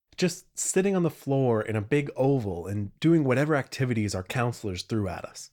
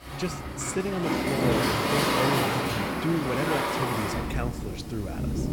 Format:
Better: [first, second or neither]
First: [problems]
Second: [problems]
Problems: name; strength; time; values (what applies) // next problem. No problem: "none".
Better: first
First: none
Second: rain or running water; very loud; throughout; 4 dB above the speech